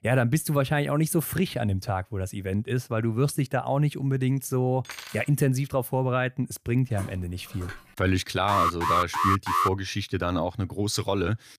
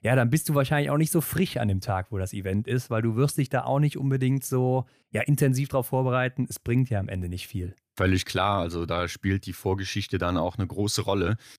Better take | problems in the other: second | clattering dishes; faint; at 5 s; peak 10 dB below the speech // footsteps; faint; from 7 to 8 s; peak 15 dB below the speech // alarm; loud; from 8.5 to 9.5 s; peak 3 dB above the speech

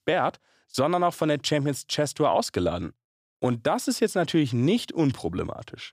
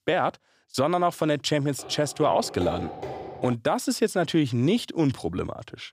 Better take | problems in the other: first | footsteps; noticeable; from 2 to 3.5 s; peak 9 dB below the speech

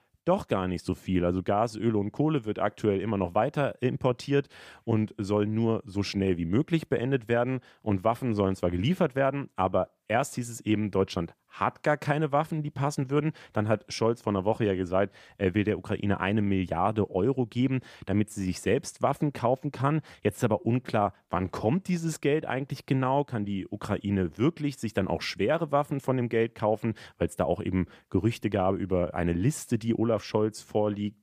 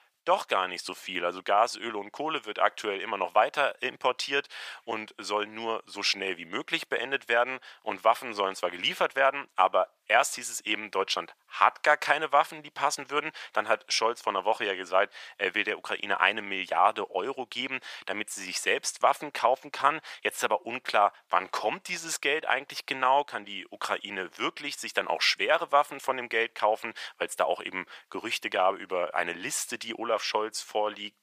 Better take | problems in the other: first | thin; very; fading below 850 Hz

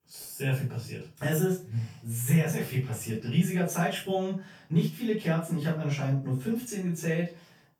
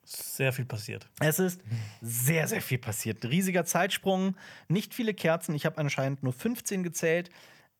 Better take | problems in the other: second | off-mic speech; far // room echo; noticeable; dies away in 0.3 s

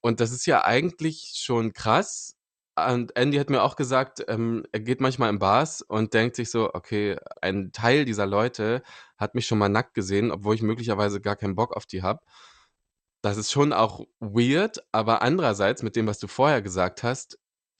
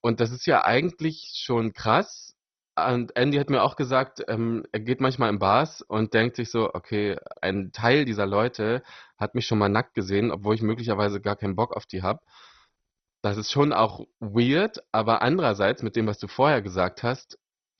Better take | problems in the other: first | garbled, watery; badly; nothing above 6 kHz; slightly in the first

